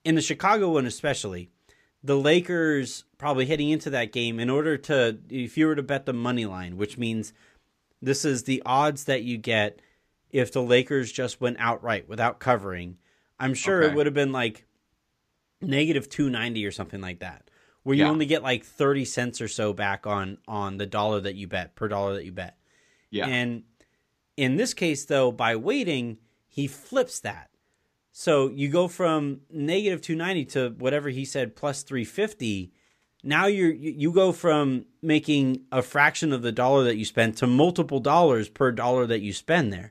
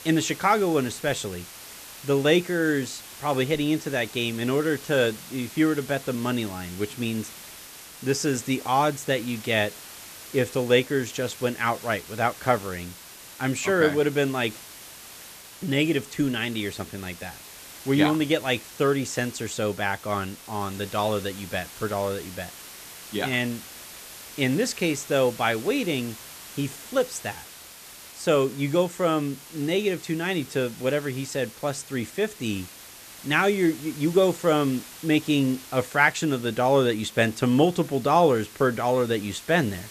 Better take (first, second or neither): first